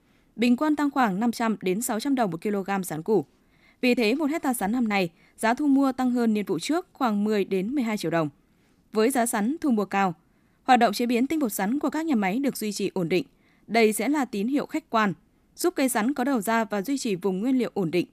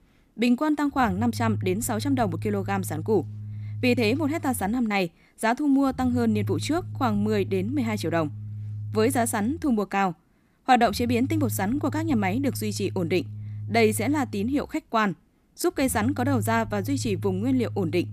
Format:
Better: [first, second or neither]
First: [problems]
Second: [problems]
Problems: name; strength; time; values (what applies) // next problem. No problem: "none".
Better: first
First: none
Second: low rumble; faint; throughout; 20 dB below the speech